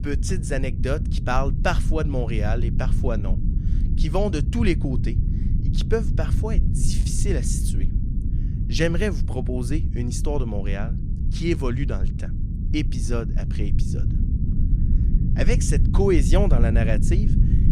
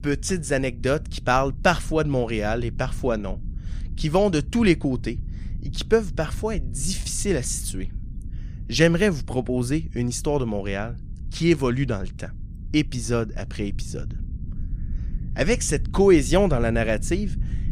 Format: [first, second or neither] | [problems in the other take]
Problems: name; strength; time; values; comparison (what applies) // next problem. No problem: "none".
second | low rumble; loud; throughout; 9 dB below the speech; faint in the second